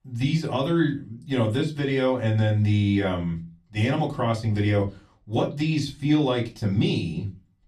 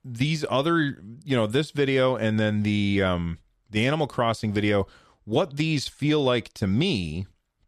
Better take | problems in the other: second | off-mic speech; far // room echo; very slight; dies away in 0.3 s

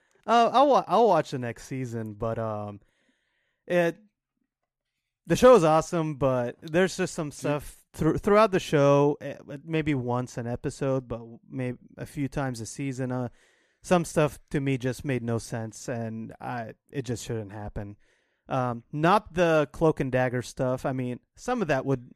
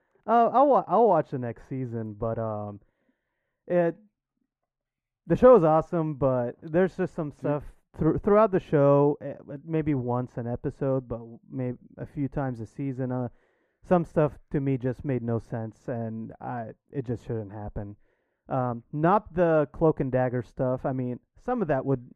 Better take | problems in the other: first | muffled; very; fading above 2.5 kHz

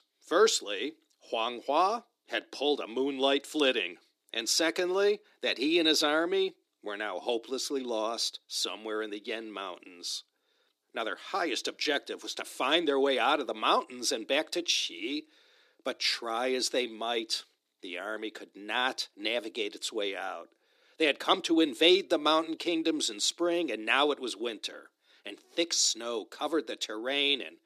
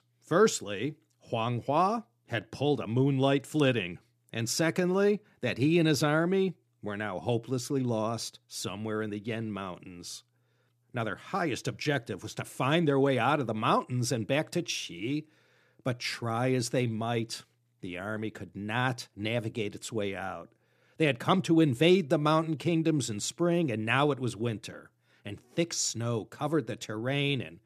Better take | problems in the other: second | thin; somewhat; fading below 300 Hz

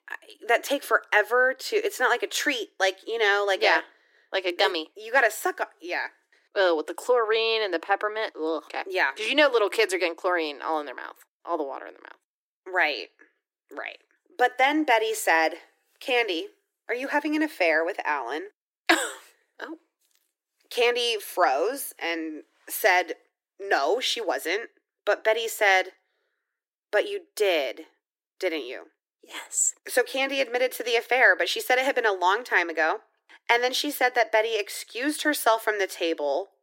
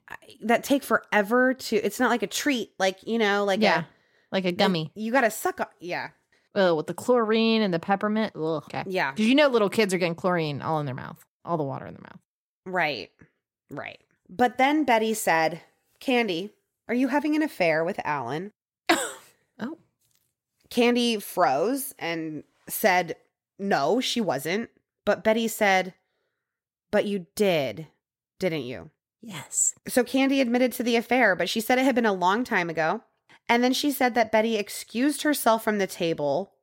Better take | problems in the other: second | thin; very; fading below 300 Hz

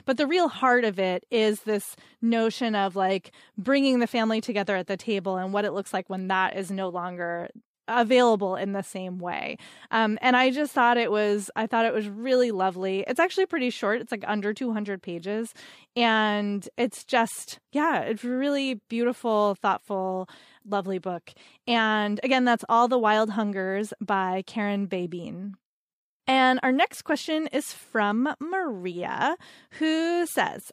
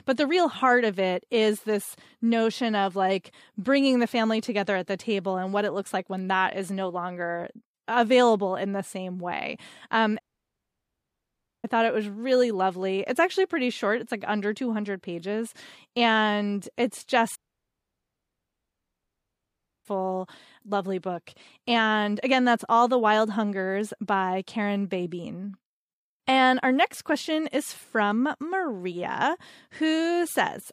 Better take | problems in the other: first | audio cutting out; at 10 s for 1.5 s and at 17 s for 2.5 s

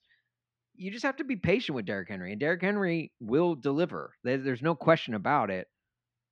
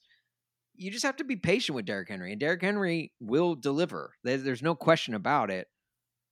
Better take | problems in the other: second | muffled; slightly; fading above 3 kHz

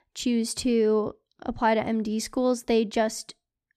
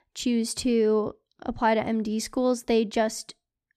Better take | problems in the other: neither | none

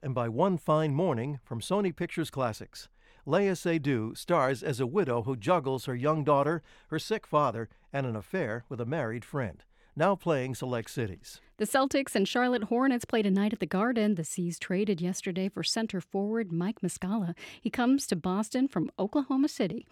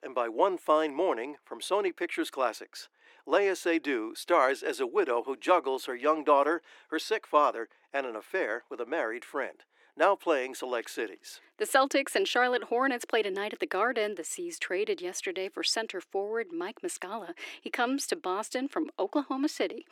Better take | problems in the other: first | thin; somewhat; fading below 300 Hz

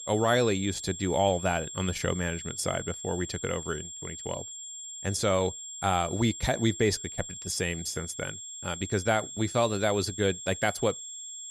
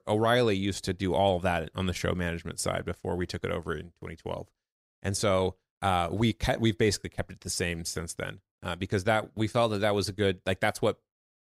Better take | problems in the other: second | high-pitched whine; loud; throughout; 7.5 kHz, 9 dB below the speech

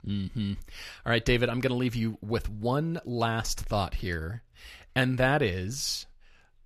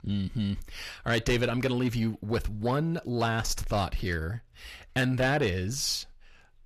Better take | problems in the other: first | distortion; slight; 10 dB below the speech

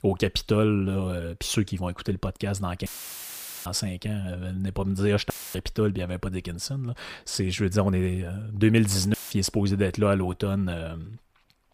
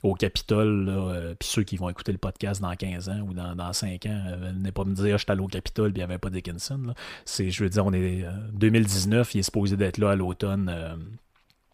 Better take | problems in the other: second | audio cutting out; filled with static; at 3 s for 1 s, at 5.5 s and at 9 s

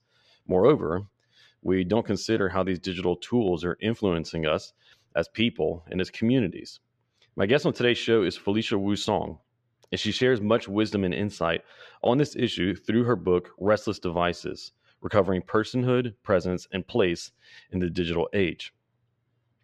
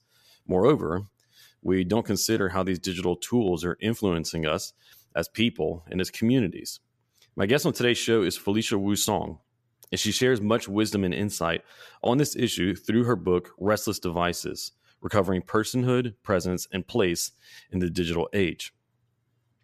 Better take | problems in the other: second | muffled; slightly; fading above 3.5 kHz

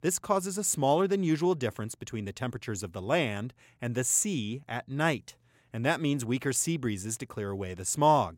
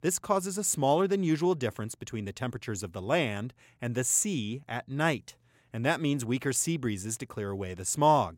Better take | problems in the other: neither | none

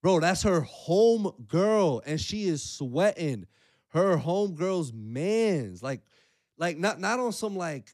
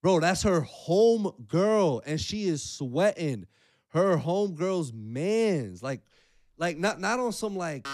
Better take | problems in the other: first | alarms or sirens; faint; from 6 s on; 25 dB below the speech

